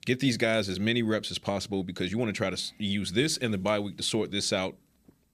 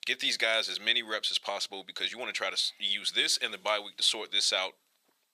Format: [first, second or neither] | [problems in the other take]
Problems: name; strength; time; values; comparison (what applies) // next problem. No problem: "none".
first | thin; very; fading below 850 Hz